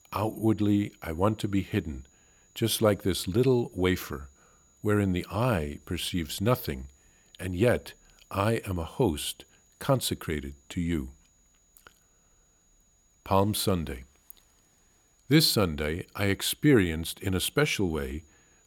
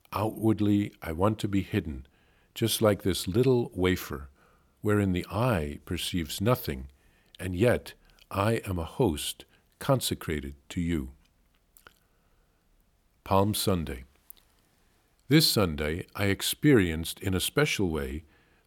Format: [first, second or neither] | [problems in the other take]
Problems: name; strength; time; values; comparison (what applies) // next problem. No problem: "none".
second | high-pitched whine; faint; throughout; 7 kHz, 35 dB below the speech